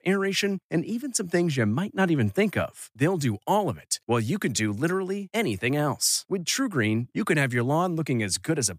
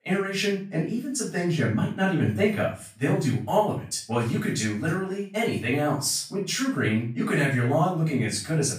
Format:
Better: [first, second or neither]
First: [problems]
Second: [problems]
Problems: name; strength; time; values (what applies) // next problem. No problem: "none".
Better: first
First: none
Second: off-mic speech; far // room echo; noticeable; dies away in 0.3 s